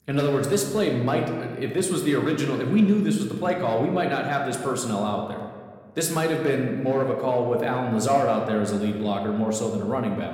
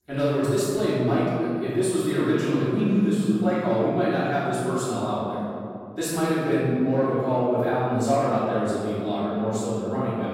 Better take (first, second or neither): first